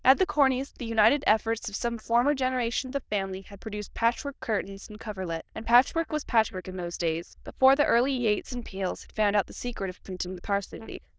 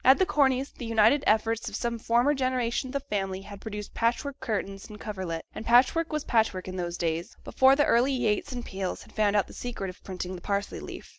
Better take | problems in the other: second | noise reduction (neural diffusion model UNIVERSE++)

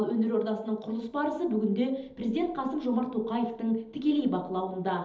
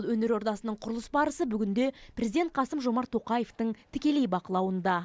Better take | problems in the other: second | room echo; dies away in 1.2 s

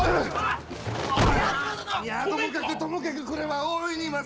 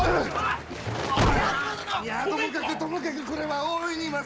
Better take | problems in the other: first | background sound (Applause); 17 dB below the speech

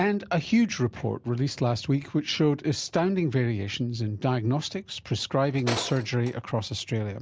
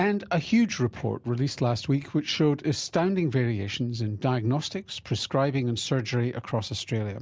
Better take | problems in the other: second | background sound (Tools); 11 dB below the speech

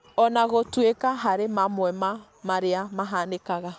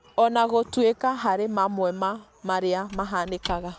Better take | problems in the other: first | background sound (Squeak / Wood); 20 dB below the speech

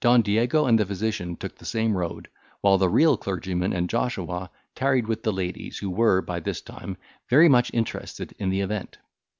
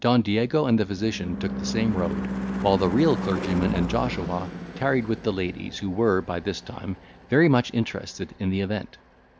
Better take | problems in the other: first | background sound (Car passing by / Engine / Truck); 8 dB below the speech

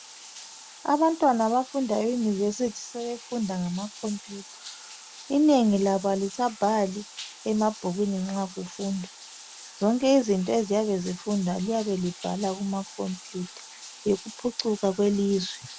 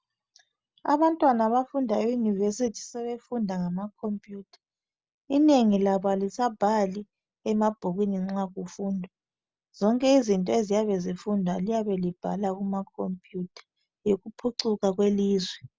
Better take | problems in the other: second | background sound (Bathtub (filling or washing)); 18 dB below the speech

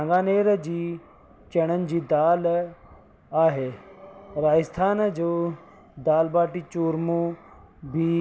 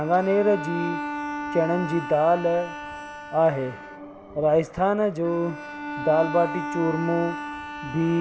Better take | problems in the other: first | background sound (Bowed string instrument); 9 dB below the speech

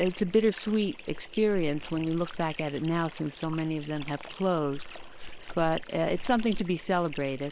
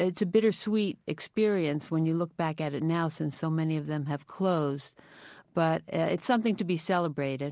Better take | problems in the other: second | noise reduction (neural separator model SepFormer WHAM!)

